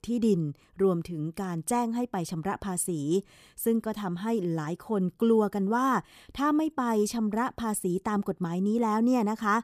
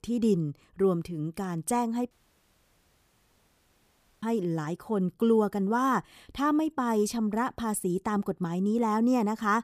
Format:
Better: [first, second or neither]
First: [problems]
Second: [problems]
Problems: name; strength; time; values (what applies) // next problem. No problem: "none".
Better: first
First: none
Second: audio cutting out; at 2 s for 2 s